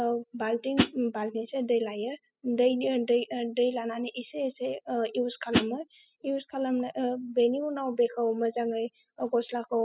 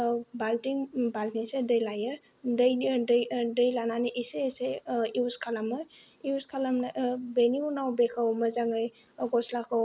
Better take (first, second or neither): second